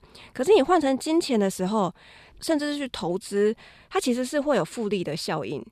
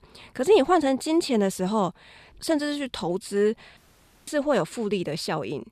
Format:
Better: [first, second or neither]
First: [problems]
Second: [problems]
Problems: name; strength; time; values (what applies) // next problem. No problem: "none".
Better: first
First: none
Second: audio cutting out; at 4 s